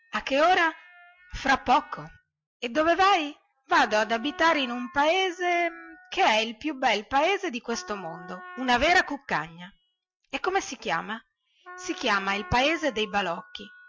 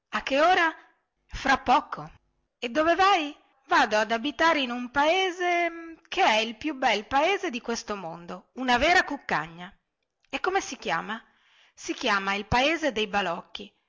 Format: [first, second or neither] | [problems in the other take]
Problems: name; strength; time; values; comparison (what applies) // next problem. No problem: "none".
second | noise reduction (classical method Wiener filter)